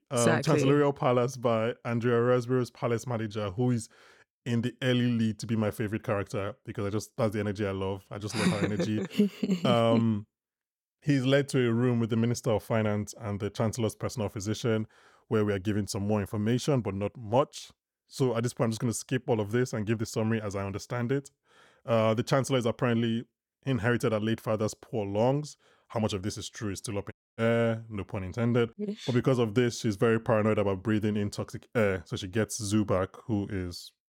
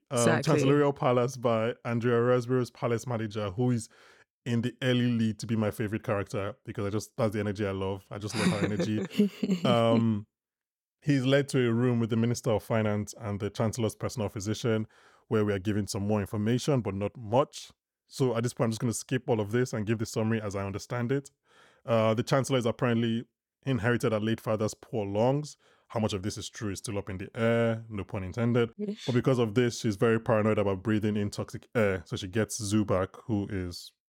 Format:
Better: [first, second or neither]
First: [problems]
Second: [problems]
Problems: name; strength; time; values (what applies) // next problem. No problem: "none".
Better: second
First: audio cutting out; at 27 s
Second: none